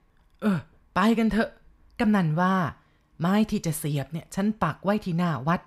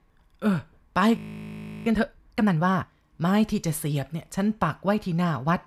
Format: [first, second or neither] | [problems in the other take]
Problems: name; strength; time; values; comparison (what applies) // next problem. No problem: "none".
first | audio freezing; at 1 s for 0.5 s